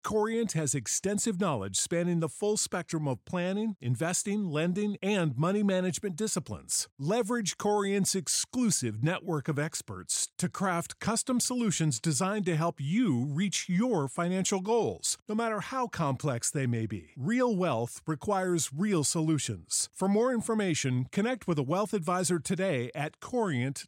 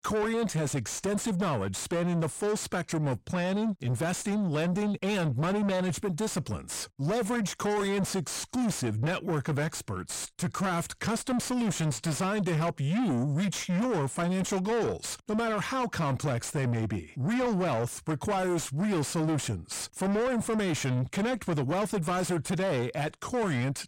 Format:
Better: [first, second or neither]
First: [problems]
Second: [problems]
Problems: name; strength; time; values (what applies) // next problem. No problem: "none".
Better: first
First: none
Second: distortion; heavy; 7 dB below the speech